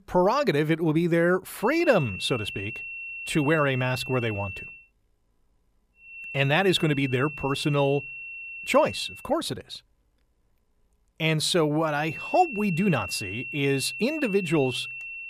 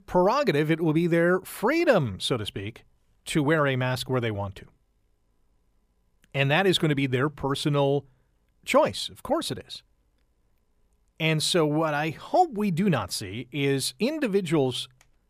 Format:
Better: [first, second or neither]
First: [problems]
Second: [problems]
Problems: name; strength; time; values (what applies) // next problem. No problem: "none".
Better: second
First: high-pitched whine; loud; from 1.5 to 4.5 s, from 6 to 9 s and from 12 s on; 2.5 kHz, 10 dB below the speech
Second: none